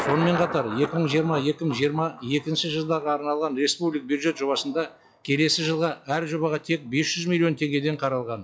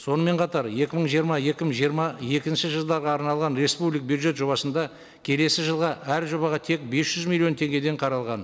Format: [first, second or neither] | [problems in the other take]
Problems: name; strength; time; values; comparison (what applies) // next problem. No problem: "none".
second | noise reduction (classical method log-MMSE)